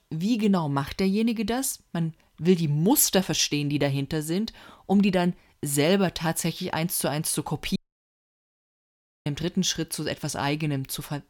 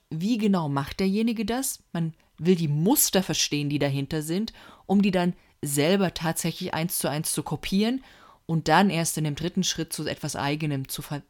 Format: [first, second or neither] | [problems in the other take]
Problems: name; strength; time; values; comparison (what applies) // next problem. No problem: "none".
second | audio cutting out; at 8 s for 1.5 s